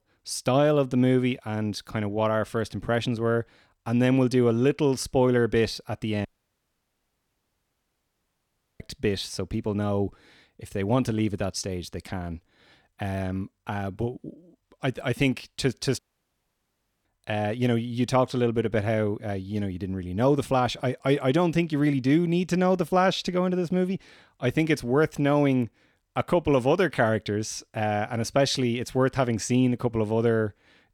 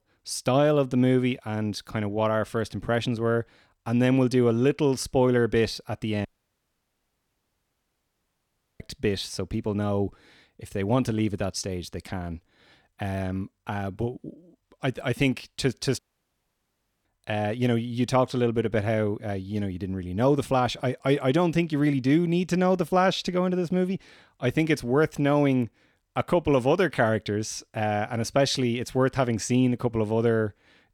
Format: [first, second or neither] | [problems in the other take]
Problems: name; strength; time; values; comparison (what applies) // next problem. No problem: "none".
neither | audio cutting out; at 6.5 s for 2.5 s and at 16 s for 1 s; the same in both